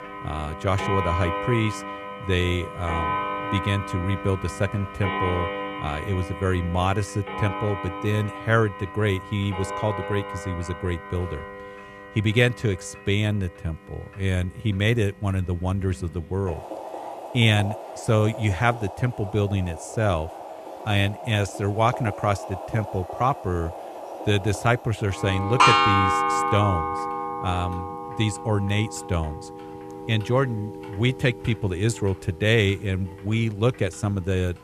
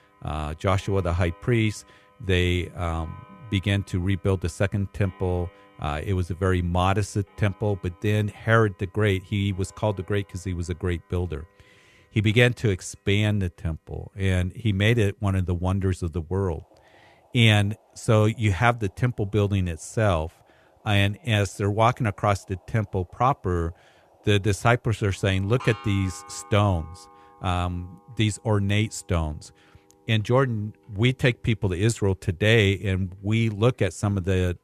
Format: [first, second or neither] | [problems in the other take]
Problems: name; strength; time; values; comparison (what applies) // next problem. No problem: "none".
second | household noises; loud; throughout; 5 dB below the speech; faint in the second